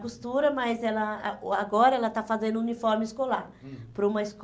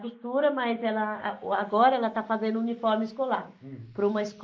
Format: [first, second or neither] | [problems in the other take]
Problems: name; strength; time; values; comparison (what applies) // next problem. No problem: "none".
first | noise reduction (neural mask model Resemble Enhance denoiser)